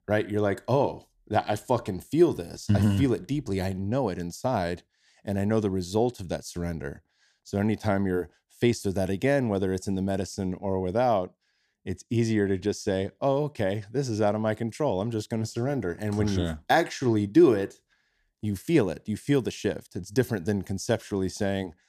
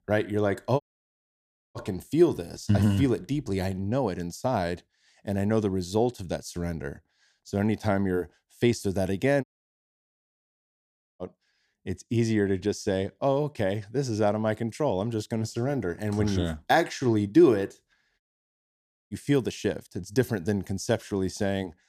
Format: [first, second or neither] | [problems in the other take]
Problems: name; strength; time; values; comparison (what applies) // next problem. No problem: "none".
first | audio cutting out; at 1 s for 1 s, at 9.5 s for 2 s and at 18 s for 1 s